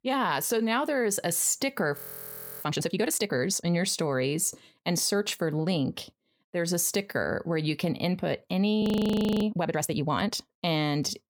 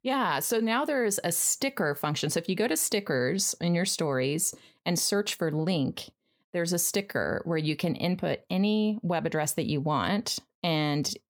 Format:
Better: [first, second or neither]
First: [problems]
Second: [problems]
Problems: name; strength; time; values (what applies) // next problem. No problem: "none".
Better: second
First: audio freezing; at 2 s for 0.5 s and at 9 s for 0.5 s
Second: none